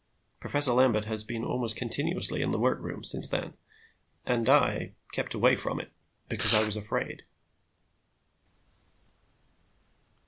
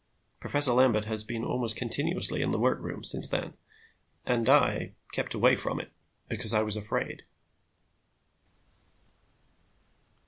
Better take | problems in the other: second | background sound (Domestic sounds, home sounds); 4 dB below the speech

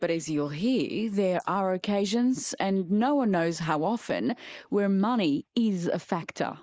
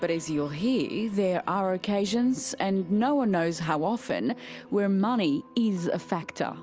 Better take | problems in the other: second | noise reduction (neural mask model Resemble Enhance denoiser)

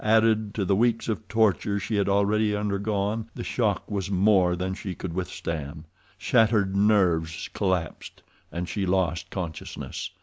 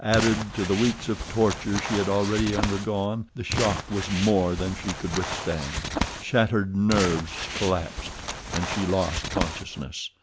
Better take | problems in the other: first | background sound (Crumpling, crinkling); 5 dB below the speech

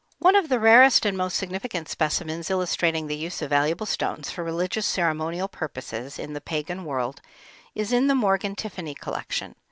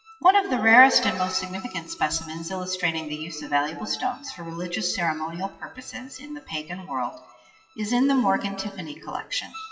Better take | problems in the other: first | noise reduction (classical method WPE with log-MMSE)

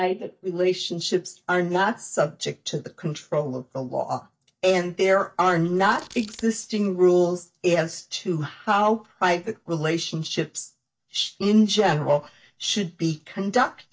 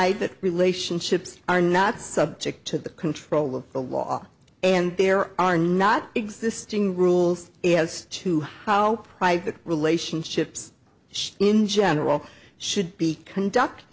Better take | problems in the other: second | noise reduction (neural mask model DeepFilterNet 3)

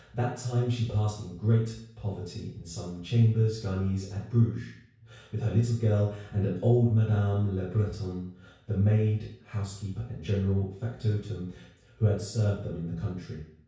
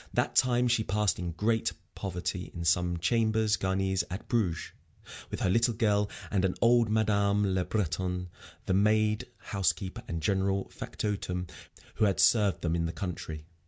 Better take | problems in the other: second | room echo; dies away in 0.6 s

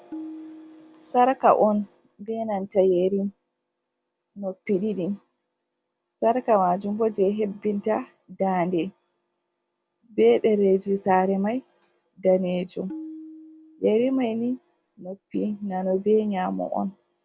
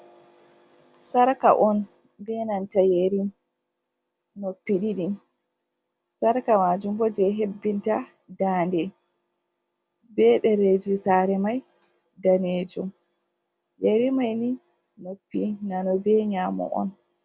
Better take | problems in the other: second | background sound (Tabla); 18 dB below the speech

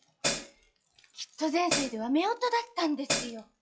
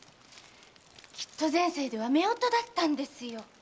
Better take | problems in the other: second | noise reduction (classical method log-MMSE)

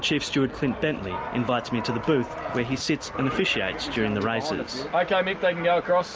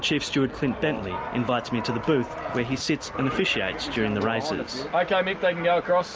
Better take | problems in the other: first | background sound (Brass instrument); 13 dB below the speech

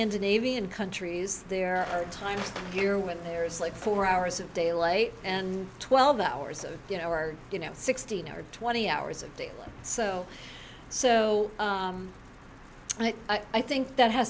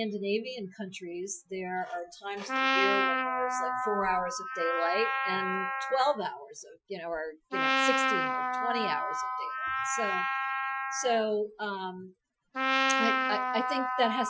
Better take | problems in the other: first | noise reduction (classical method Wiener filter)

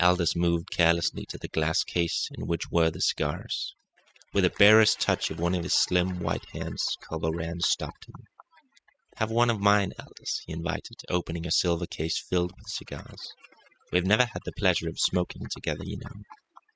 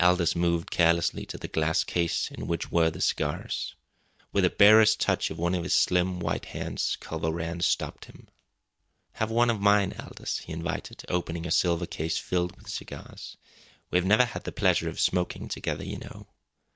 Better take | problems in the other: second | noise reduction (classical method spectral subtraction)

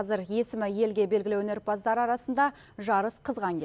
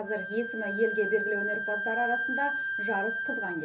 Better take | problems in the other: first | background sound (Wind instrument, woodwind instrument); as loud as the speech // room echo; dies away in 0.3 s

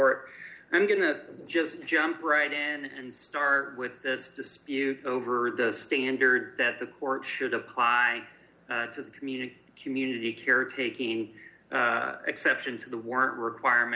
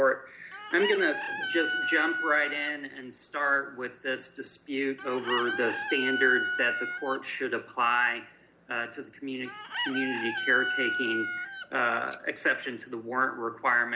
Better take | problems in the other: first | background sound (Chicken, rooster + Bicycle bell); 6 dB below the speech

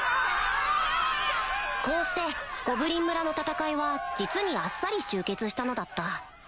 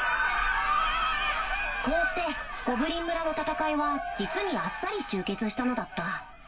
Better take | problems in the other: first | room echo; dies away in 0.2 s

